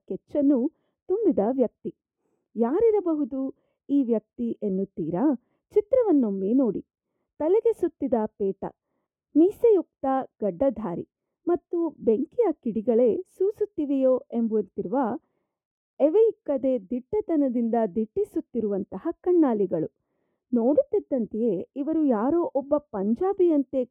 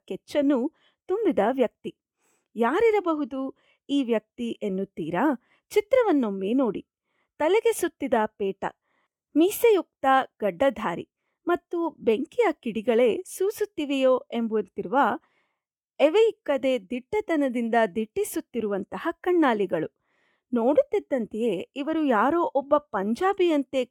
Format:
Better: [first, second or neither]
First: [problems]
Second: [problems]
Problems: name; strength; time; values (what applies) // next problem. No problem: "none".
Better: second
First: muffled; very; fading above 1 kHz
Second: none